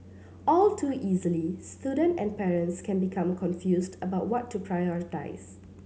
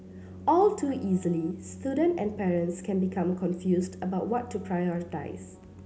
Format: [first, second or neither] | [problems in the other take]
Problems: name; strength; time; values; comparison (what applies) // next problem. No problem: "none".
first | background sound (Keyboard (musical)); 17 dB below the speech